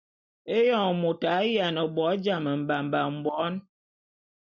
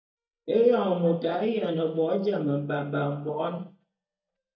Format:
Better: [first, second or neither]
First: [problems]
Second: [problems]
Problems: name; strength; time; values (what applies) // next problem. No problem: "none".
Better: first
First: none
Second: noise reduction (neural mask model DeepFilterNet 3)